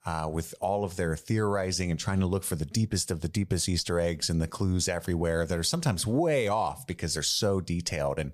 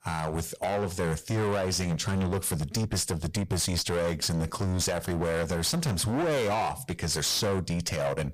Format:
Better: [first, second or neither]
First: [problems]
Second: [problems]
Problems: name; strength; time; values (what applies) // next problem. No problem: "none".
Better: first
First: none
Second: distortion; heavy; 25% of the sound clipped